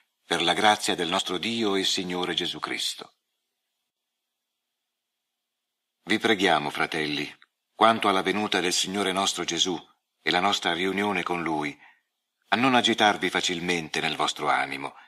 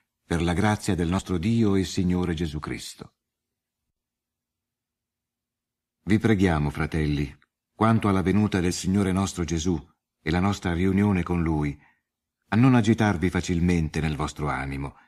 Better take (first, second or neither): second